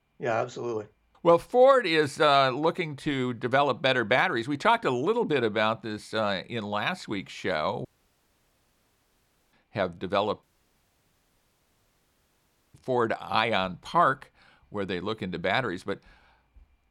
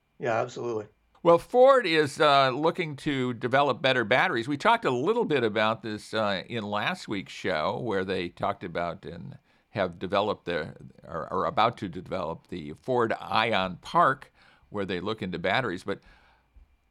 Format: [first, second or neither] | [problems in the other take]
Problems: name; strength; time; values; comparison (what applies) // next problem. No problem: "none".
second | audio cutting out; at 8 s for 1.5 s and at 10 s for 2.5 s